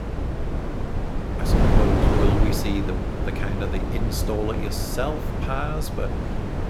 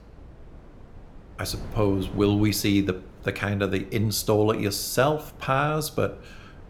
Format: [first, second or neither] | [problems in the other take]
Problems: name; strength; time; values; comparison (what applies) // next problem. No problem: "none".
second | wind noise on the microphone; heavy; 1 dB above the speech; occasional gusts in the second